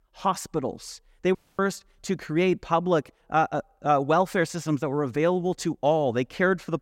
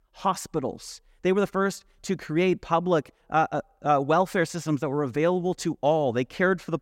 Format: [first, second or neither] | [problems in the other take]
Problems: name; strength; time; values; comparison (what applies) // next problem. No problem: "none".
second | audio cutting out; at 1.5 s